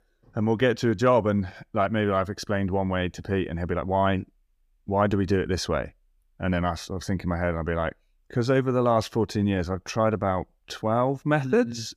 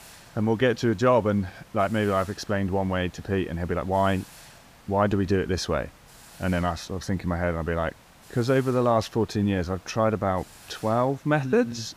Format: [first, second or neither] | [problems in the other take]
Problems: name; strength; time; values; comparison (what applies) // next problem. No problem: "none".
first | hiss; faint; throughout; 25 dB below the speech